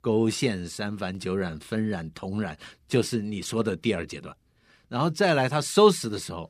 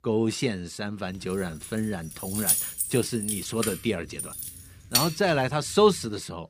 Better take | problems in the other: first | jangling keys; loud; from 1.5 to 5 s; peak 5 dB above the speech

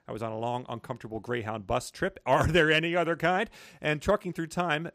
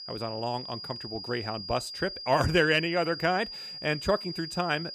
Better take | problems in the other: first | high-pitched whine; loud; throughout; 5 kHz, 8 dB below the speech

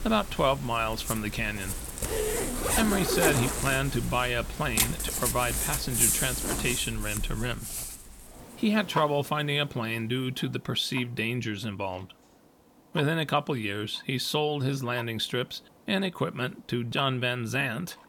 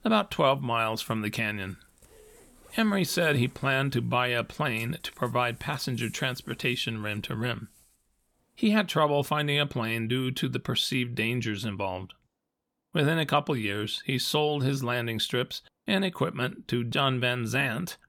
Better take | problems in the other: second | household noises; loud; throughout; 1 dB below the speech; faint in the second

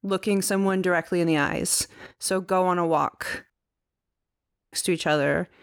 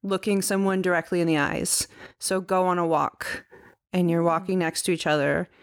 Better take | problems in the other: second | audio cutting out; at 3.5 s for 1 s

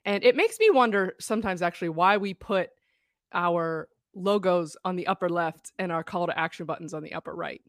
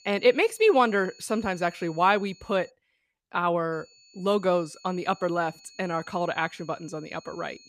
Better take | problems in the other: first | high-pitched whine; faint; until 2.5 s and from 3.5 s on; 4.5 kHz, 25 dB below the speech

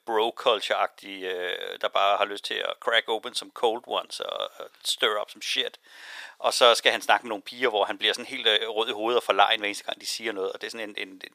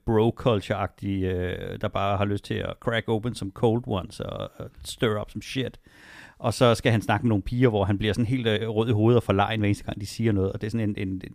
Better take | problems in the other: second | thin; very; fading below 550 Hz

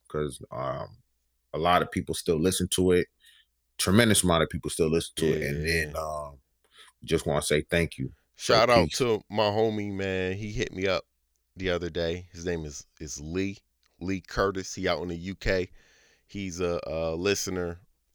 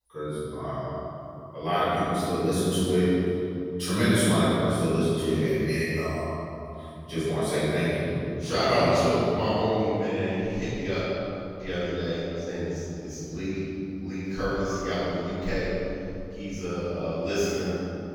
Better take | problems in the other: first | room echo; strong; dies away in 2.9 s // off-mic speech; far

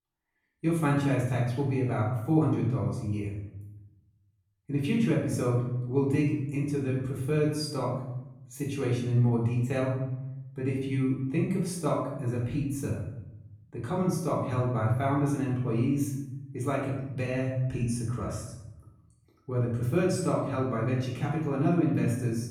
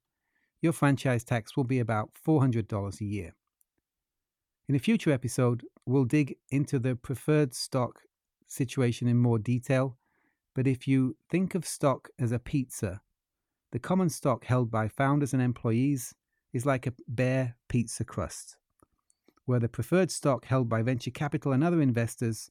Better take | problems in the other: second | off-mic speech; far // room echo; noticeable; dies away in 0.9 s

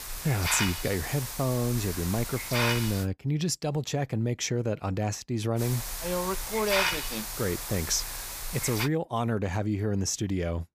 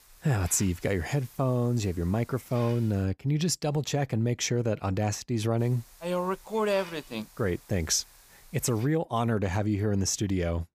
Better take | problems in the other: second | hiss; loud; until 3 s and from 5.5 to 9 s; 2 dB below the speech; faint in the second

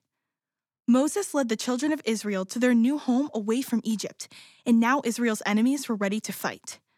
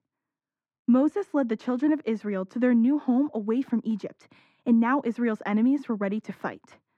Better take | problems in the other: first | muffled; very; fading above 4 kHz

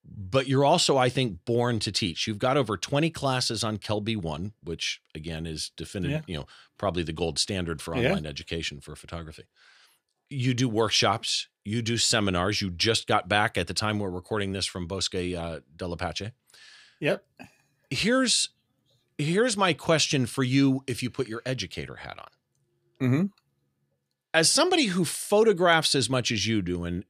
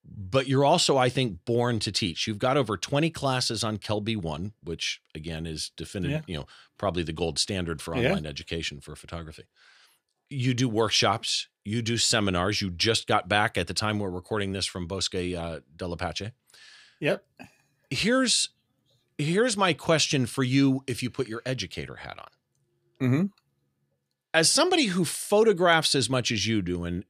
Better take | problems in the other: neither | none

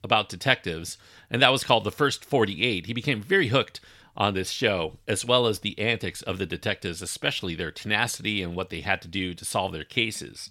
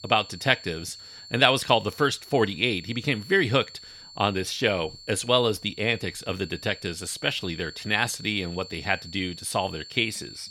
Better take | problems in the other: first | high-pitched whine; noticeable; throughout; 4.5 kHz, 15 dB below the speech

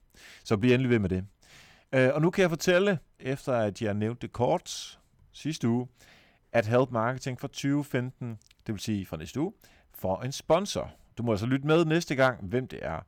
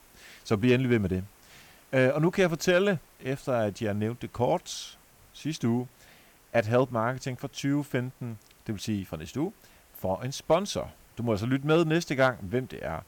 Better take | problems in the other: first | hiss; faint; throughout; 30 dB below the speech

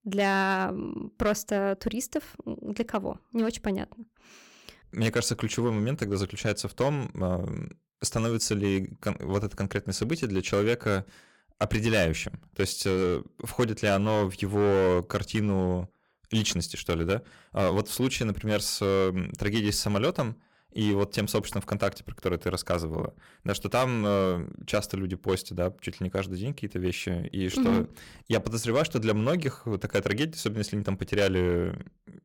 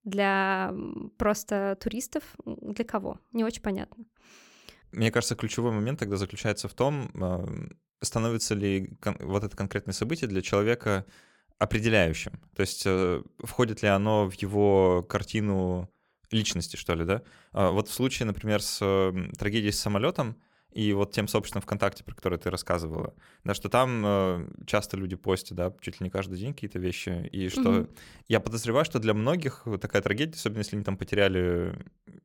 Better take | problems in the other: second | distortion; slight; 4% of the sound clipped

